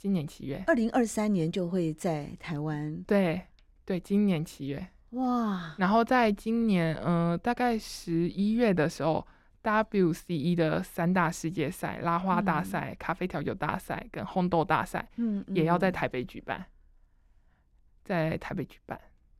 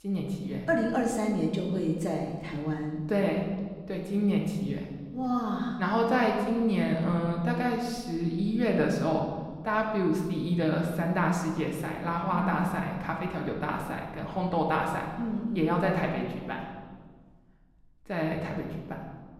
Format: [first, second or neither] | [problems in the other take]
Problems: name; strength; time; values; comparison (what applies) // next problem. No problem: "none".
first | room echo; noticeable; dies away in 1.2 s // off-mic speech; somewhat distant